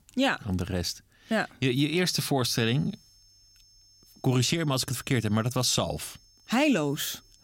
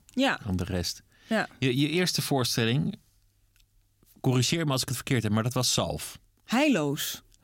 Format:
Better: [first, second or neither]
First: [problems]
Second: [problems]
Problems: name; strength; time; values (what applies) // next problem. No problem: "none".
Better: second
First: high-pitched whine; faint; from 2.5 s on; 5.5 kHz, 30 dB below the speech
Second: none